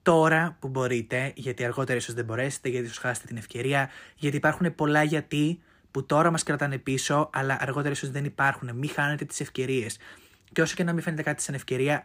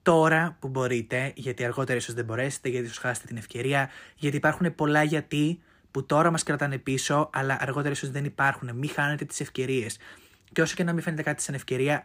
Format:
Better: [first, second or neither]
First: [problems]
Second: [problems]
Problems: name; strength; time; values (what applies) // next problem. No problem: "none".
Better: neither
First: none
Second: none